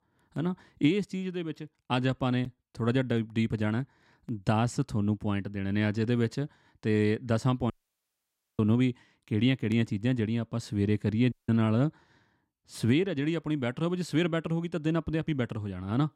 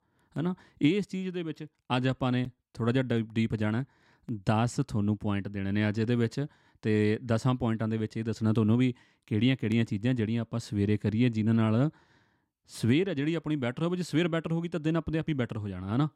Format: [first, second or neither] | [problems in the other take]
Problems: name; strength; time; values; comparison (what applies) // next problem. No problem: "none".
second | audio cutting out; at 7.5 s for 1 s and at 11 s